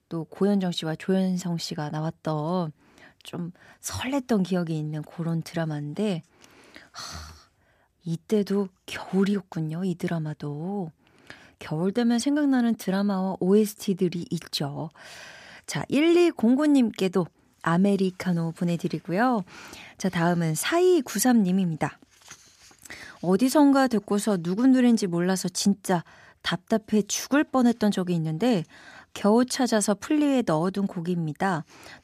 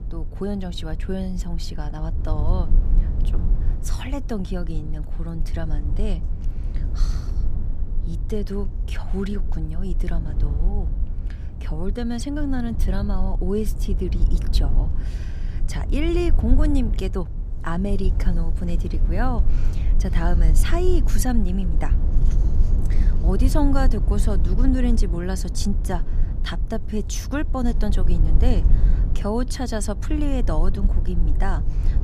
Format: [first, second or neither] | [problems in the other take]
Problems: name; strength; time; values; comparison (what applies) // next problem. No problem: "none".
first | low rumble; noticeable; throughout; 10 dB below the speech